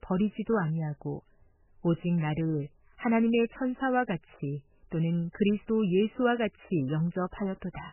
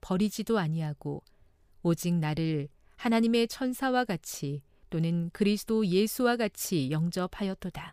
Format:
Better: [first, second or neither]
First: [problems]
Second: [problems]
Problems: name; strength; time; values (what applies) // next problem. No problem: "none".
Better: second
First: garbled, watery; badly; nothing above 3 kHz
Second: none